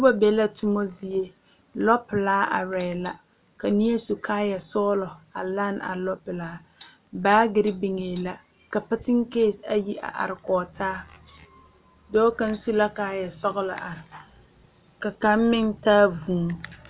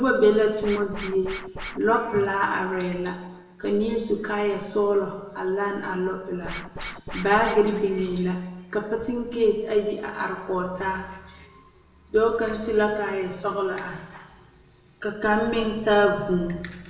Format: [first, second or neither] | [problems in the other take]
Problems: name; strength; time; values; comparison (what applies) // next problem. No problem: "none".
first | background sound (Scratching (performance technique)); 12 dB below the speech // room echo; dies away in 0.9 s